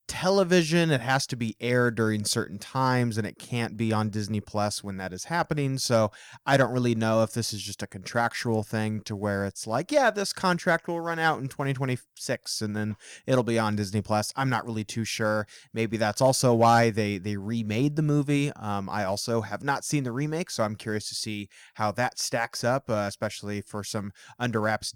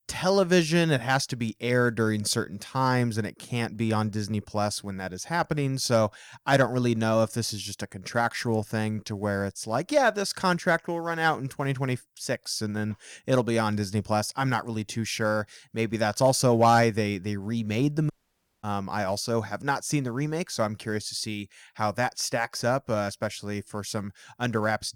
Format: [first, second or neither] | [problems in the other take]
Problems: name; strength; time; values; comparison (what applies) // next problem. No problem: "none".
first | audio cutting out; at 18 s for 0.5 s